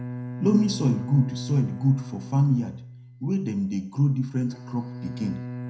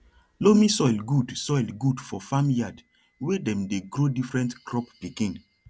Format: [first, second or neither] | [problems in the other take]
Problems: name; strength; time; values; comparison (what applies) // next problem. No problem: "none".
second | background sound (Bowed string instrument); 11 dB below the speech // room echo; dies away in 0.5 s